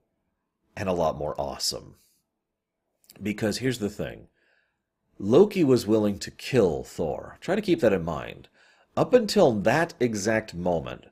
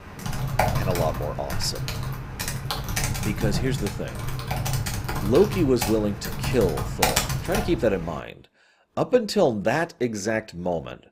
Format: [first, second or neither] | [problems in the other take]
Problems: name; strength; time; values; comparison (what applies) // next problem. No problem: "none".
first | keyboard typing; loud; until 8 s; peak 4 dB above the speech